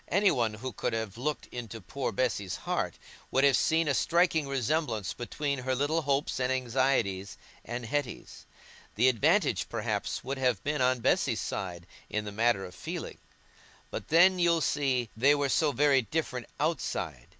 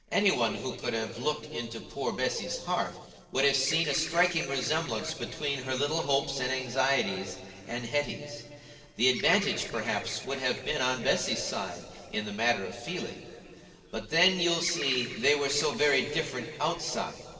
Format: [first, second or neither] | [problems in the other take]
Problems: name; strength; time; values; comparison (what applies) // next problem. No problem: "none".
first | noise reduction (neural separator model SepFormer DNS4)